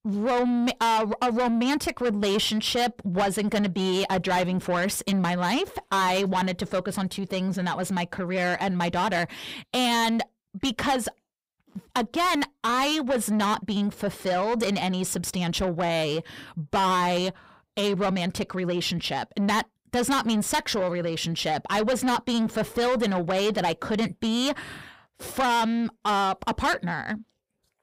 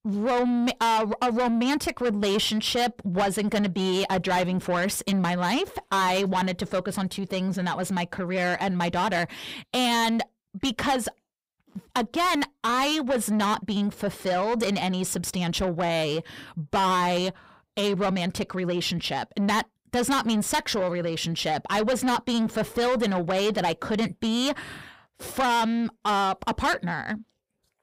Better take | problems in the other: neither | distortion; heavy; 7 dB below the speech; the same in both

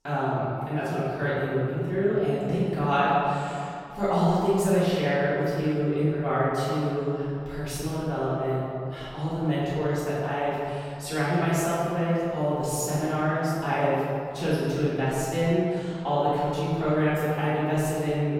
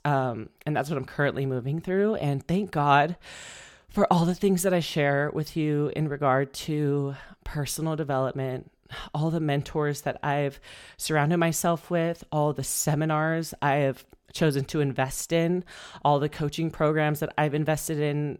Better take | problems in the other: second | room echo; strong; dies away in 2.2 s // off-mic speech; far

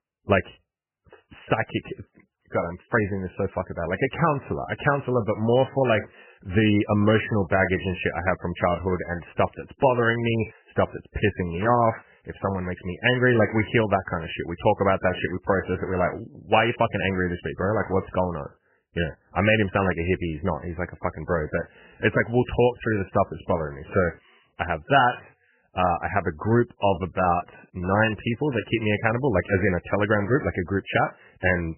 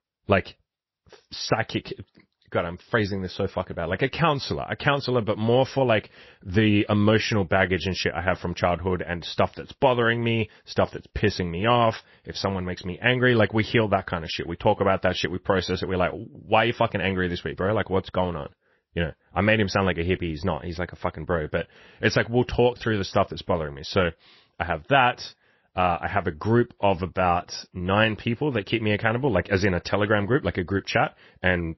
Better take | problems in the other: second | garbled, watery; badly; nothing above 3 kHz; slightly in the second

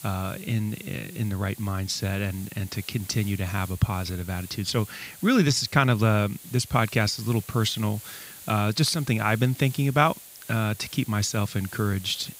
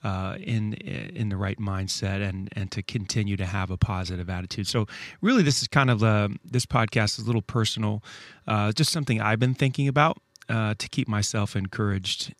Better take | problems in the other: second | hiss; noticeable; throughout; 15 dB below the speech

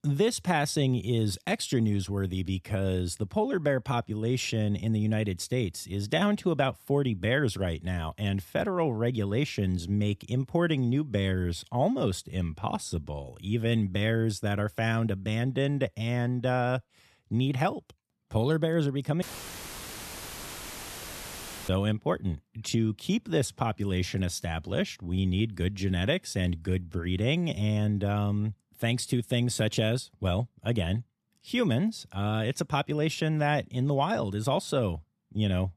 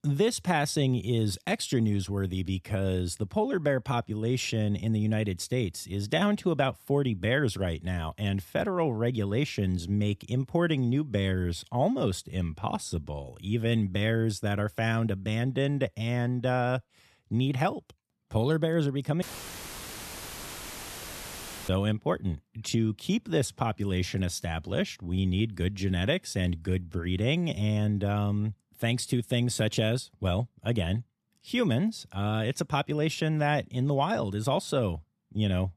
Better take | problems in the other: neither | audio cutting out; filled with static; at 19 s for 2.5 s; the same in both

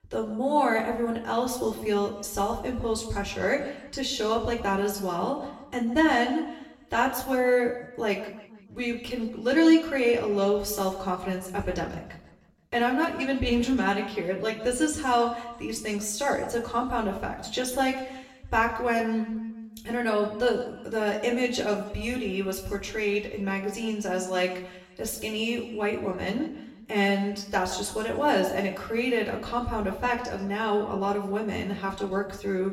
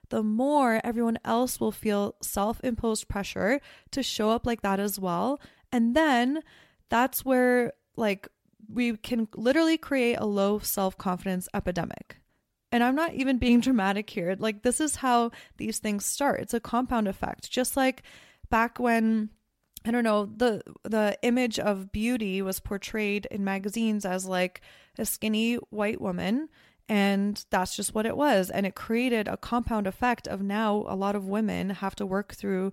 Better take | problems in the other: second | room echo; slight; dies away in 0.9 s // off-mic speech; far

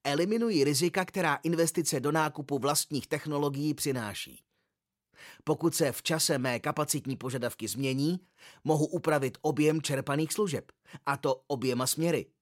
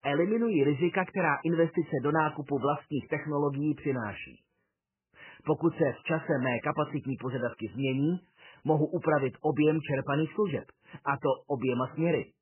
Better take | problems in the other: first | garbled, watery; badly; nothing above 3 kHz

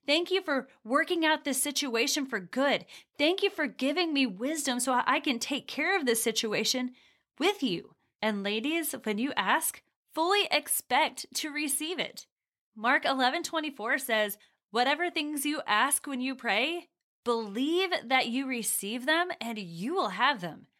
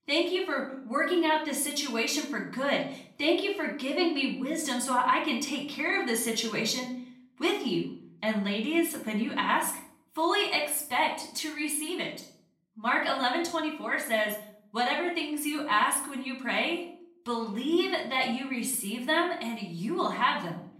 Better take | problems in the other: first | off-mic speech; far // room echo; slight; dies away in 0.5 s

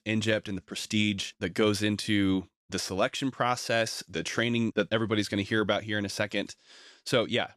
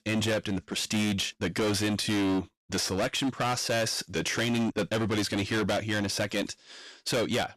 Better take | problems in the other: first | distortion; heavy; 22% of the sound clipped

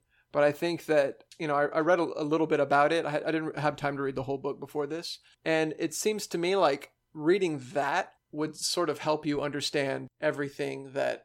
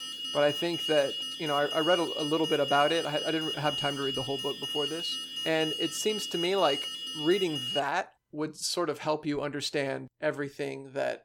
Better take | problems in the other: first | alarm; noticeable; until 8 s; peak 1 dB below the speech

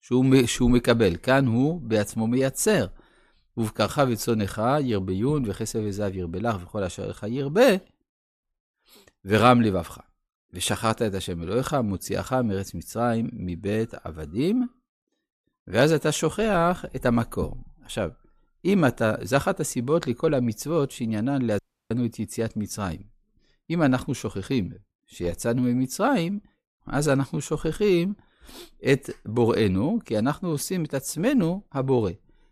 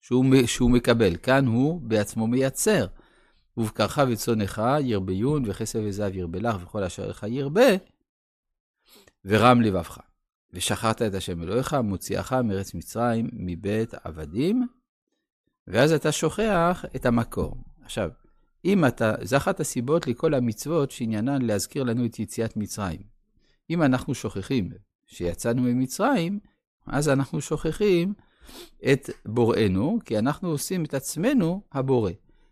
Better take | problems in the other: second | audio cutting out; at 22 s

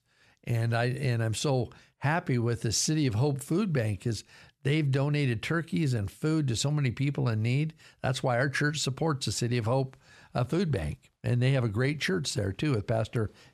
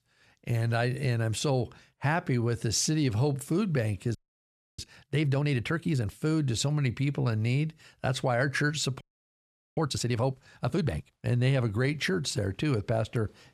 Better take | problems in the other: first | audio freezing; at 4 s for 0.5 s and at 9 s for 1 s

